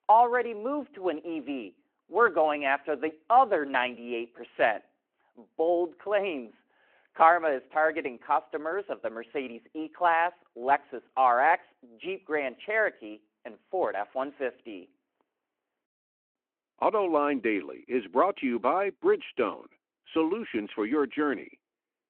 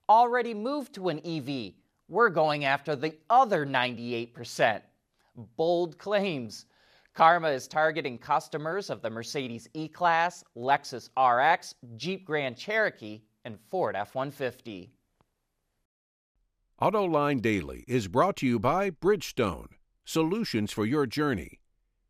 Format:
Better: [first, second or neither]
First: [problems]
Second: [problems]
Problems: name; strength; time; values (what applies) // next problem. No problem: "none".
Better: second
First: phone-call audio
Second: none